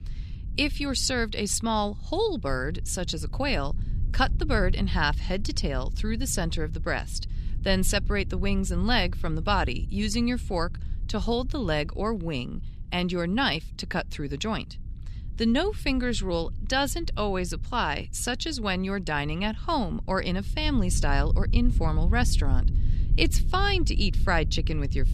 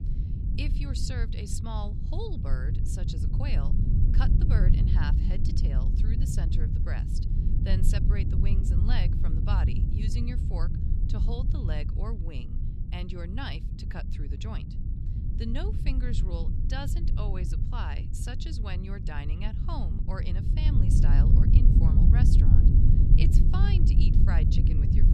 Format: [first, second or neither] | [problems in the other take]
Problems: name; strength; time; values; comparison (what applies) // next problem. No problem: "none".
first | low rumble; loud; throughout; as loud as the speech; faint in the first